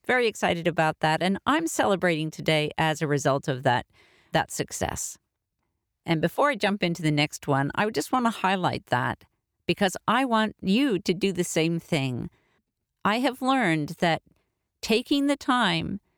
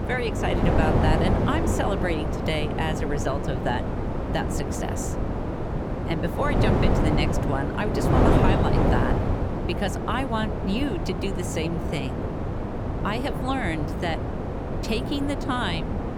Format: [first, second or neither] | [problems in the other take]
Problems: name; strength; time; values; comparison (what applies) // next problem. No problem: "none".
first | wind noise on the microphone; heavy; as loud as the speech